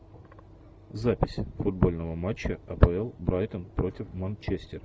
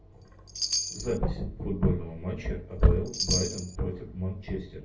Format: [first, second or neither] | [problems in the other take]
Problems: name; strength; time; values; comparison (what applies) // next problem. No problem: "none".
first | background sound (Chime); 5 dB below the speech // room echo; dies away in 0.4 s